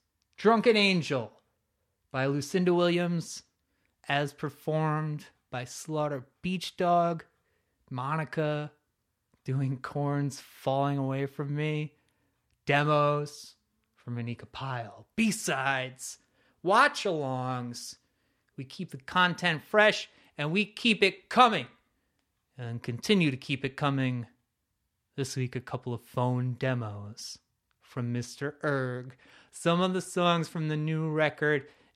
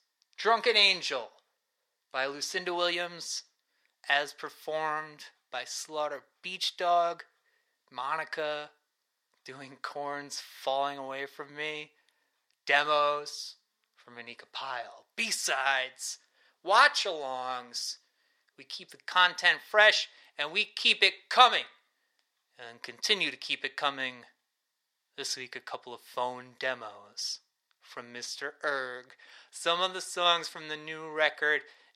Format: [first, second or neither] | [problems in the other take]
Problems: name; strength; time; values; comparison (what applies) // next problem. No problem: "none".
first | thin; very; fading below 700 Hz